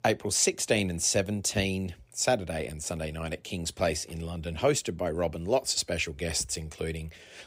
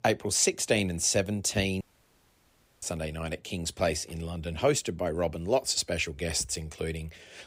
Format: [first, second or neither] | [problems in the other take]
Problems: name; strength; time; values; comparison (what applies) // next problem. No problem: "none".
first | audio cutting out; at 2 s for 1 s